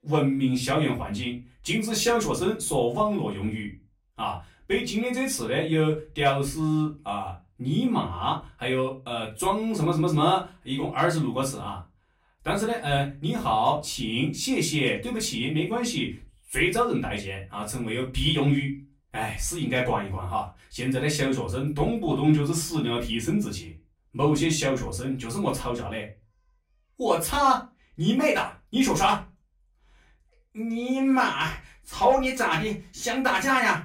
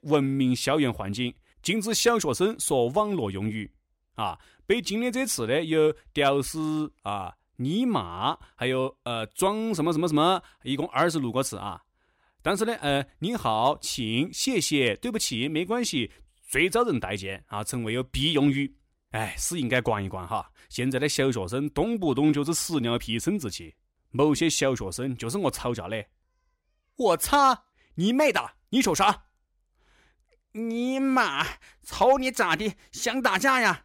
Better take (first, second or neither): second